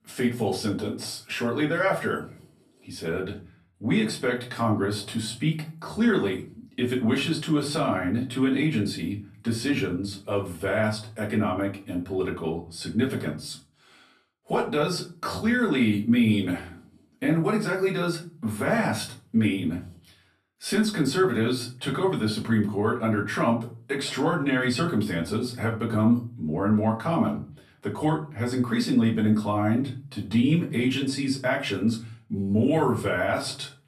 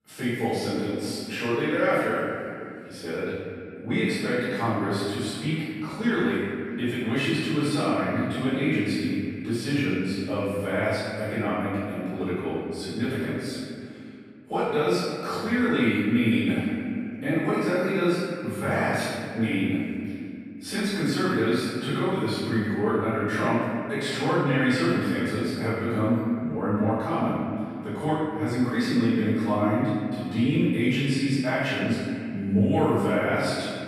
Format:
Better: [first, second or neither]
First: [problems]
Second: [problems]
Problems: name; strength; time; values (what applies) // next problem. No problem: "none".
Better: first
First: room echo; slight; dies away in 0.4 s // off-mic speech; far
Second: room echo; strong; dies away in 2.3 s // off-mic speech; far